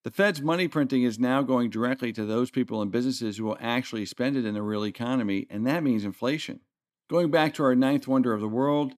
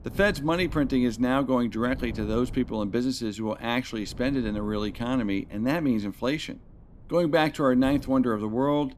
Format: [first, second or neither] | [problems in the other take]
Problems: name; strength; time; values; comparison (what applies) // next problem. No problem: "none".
first | wind noise on the microphone; occasional gusts; 25 dB below the speech